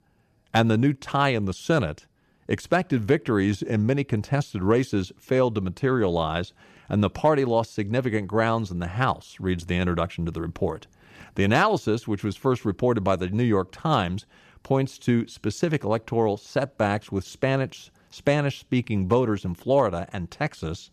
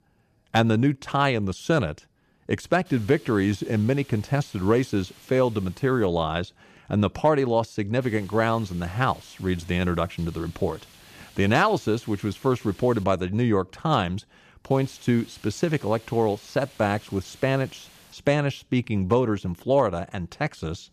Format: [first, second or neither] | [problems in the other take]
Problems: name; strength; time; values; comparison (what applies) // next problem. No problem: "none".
first | hiss; faint; from 3 to 6 s, from 8 to 13 s and from 15 to 18 s; 25 dB below the speech